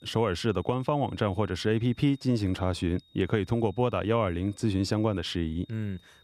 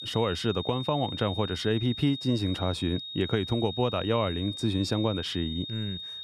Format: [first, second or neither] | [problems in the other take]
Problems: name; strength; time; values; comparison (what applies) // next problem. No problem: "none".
first | high-pitched whine; loud; throughout; 3.5 kHz, 7 dB below the speech; faint in the first